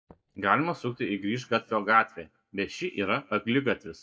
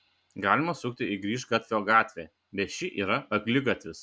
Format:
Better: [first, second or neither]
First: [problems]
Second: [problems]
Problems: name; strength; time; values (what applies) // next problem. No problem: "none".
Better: second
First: noise reduction (neural mask model DeepFilterNet 3)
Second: none